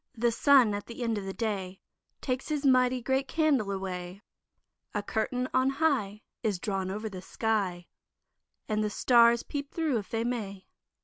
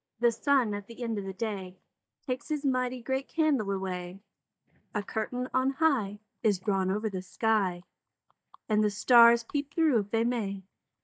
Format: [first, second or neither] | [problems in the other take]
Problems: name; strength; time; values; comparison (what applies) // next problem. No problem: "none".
first | noise reduction (neural mask model DeepFilterNet 3)